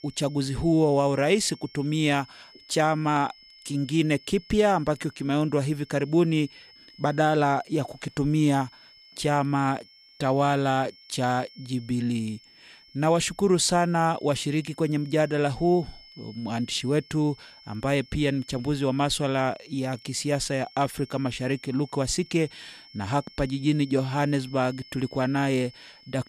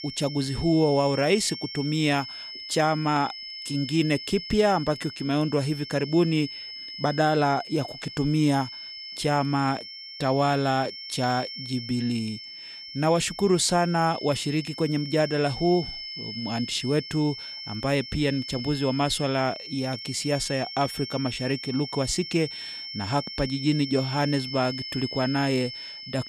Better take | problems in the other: first | high-pitched whine; loud; throughout; 5.5 kHz, 10 dB below the speech; faint in the first

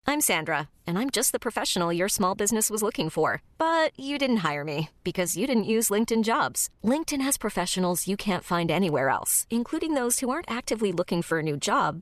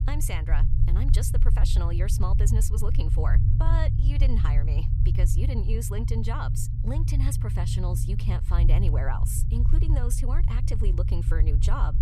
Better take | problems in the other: first | low rumble; loud; throughout; 4 dB below the speech

